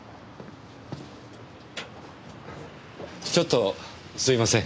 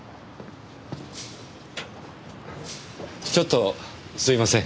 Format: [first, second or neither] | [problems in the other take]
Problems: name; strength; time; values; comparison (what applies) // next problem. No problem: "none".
first | background sound (Shatter + Fire); 20 dB below the speech